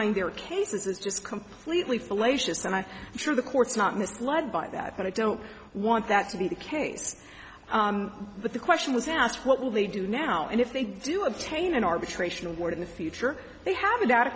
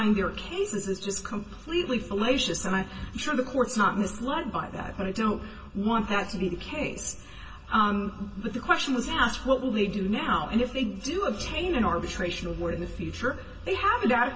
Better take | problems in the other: first | room echo; dies away in 0.1 s

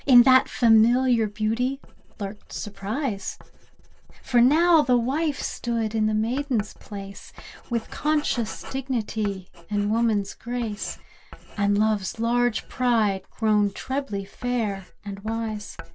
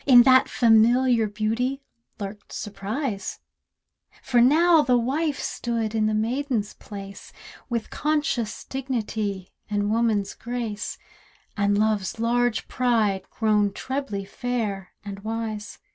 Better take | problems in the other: second | background sound (Writing); 16 dB below the speech

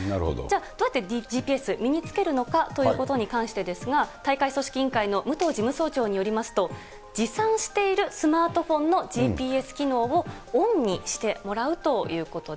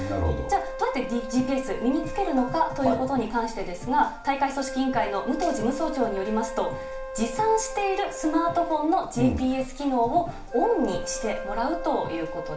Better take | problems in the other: first | background sound (Wind instrument, woodwind instrument); 11 dB below the speech // room echo; dies away in 0.4 s

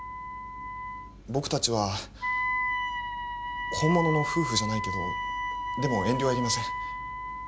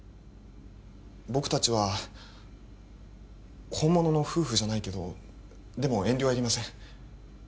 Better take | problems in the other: second | background sound (Wind instrument, woodwind instrument); 2 dB below the speech

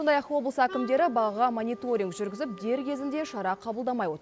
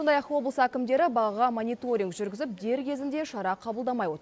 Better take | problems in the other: second | background sound (Wind instrument, woodwind instrument); 17 dB below the speech

